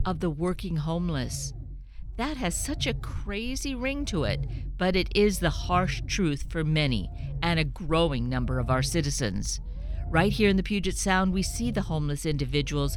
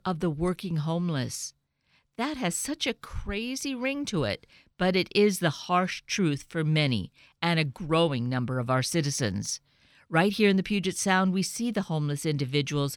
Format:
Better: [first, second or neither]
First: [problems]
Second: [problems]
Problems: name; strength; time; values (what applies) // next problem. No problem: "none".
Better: second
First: low rumble; faint; throughout; 20 dB below the speech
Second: none